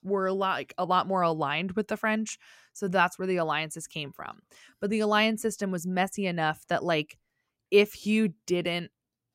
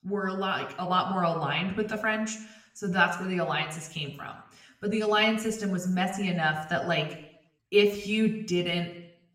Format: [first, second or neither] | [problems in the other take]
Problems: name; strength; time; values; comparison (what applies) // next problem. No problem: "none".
first | room echo; slight; dies away in 0.7 s // off-mic speech; somewhat distant